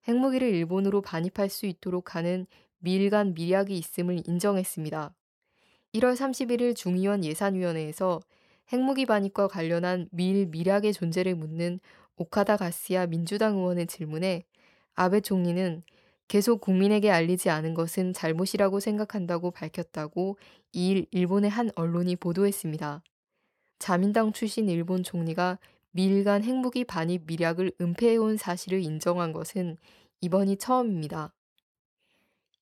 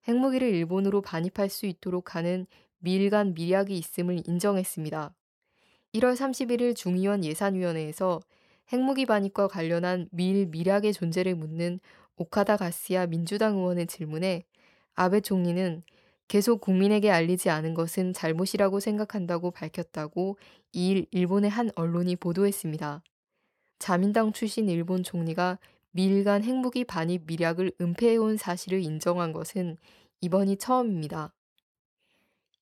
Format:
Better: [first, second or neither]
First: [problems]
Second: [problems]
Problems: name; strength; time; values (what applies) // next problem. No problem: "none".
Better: neither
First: none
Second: none